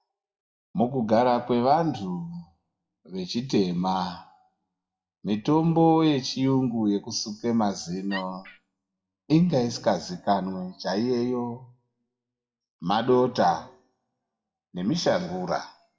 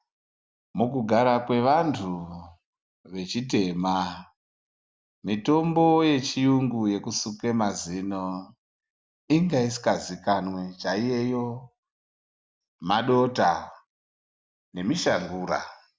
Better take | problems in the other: second | noise reduction (classical method WPE with log-MMSE)

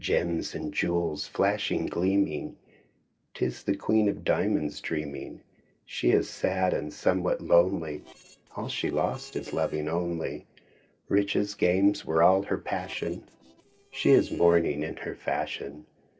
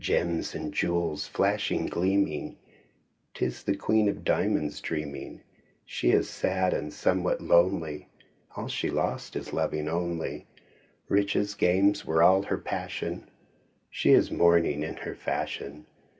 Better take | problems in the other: second | noise reduction (neural separator model SepFormer DNS4)

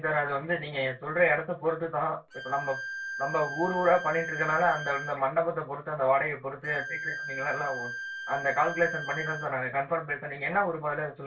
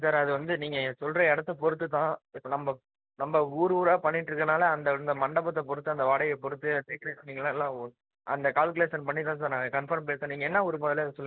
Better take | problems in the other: second | background sound (Bowed string instrument); 9 dB below the speech // room echo; dies away in 0.2 s

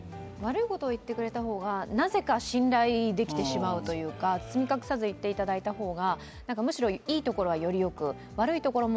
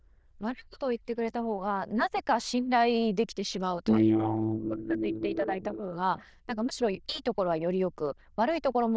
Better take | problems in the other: first | noise reduction (neural diffusion model UNIVERSE++)

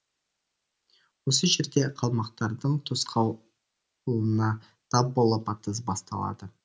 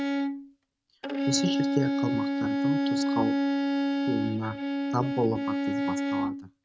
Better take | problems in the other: first | noise reduction (neural mask model RNNoise)

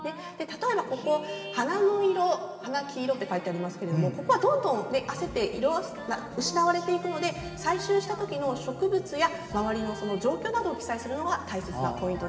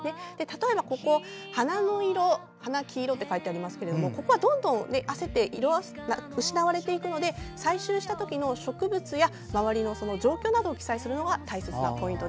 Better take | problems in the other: second | room echo; dies away in 2.8 s

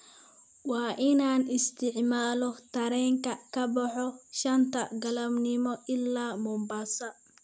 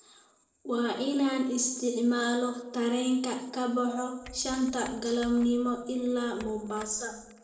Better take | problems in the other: first | noise reduction (neural separator model SepFormer DNS4)

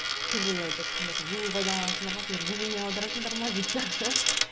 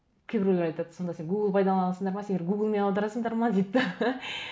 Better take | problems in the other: second | background sound (Coin (dropping)); 5 dB above the speech

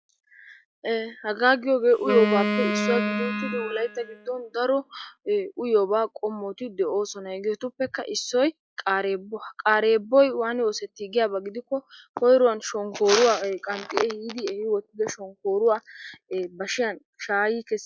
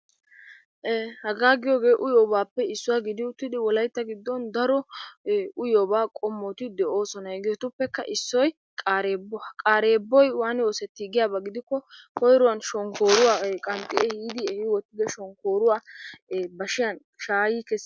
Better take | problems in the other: second | noise reduction (classical method log-MMSE)

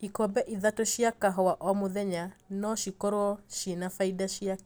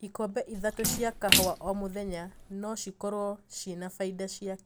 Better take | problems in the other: first | background sound (Splash, splatter); as loud as the speech

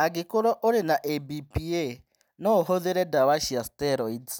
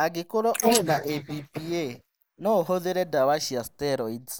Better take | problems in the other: first | noise reduction (neural mask model Resemble Enhance denoiser)

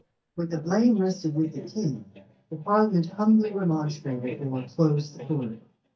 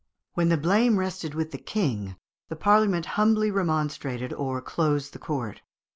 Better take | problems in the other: second | noise reduction (neural mask model DeepFilterNet 3)

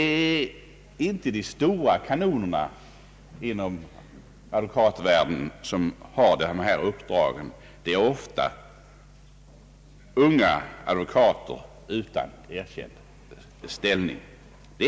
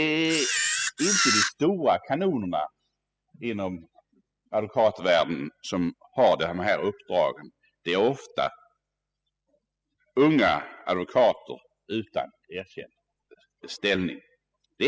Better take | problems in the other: first | noise reduction (classical method spectral subtraction)

